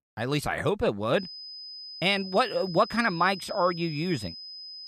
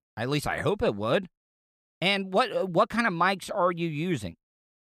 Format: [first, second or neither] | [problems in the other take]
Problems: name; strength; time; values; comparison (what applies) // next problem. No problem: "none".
second | high-pitched whine; noticeable; from 1 s on; 5 kHz, 10 dB below the speech